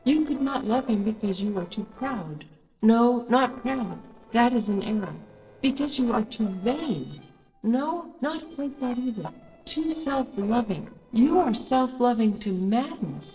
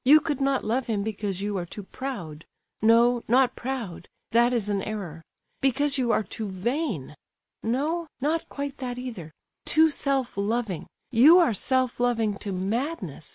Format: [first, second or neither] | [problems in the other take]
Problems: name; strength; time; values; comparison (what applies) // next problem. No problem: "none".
second | noise reduction (neural separator model SepFormer DNS4)